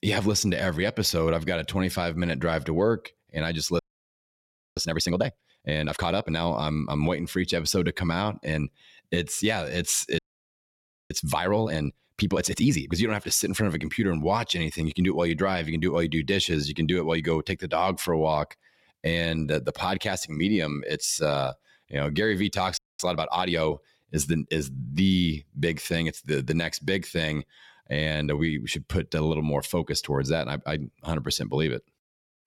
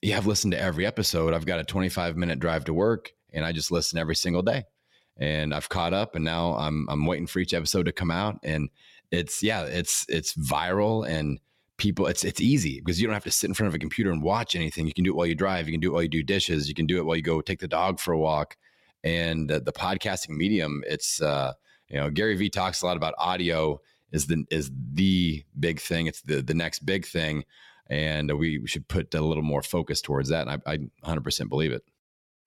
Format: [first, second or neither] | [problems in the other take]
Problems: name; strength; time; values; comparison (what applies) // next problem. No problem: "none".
second | audio freezing; at 4 s for 1 s, at 10 s for 1 s and at 23 s